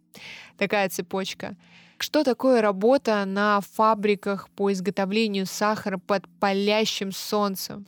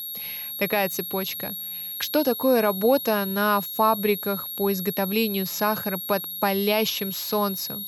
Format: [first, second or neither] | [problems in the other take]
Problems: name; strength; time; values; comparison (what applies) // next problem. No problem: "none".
first | high-pitched whine; loud; throughout; 11.5 kHz, 6 dB below the speech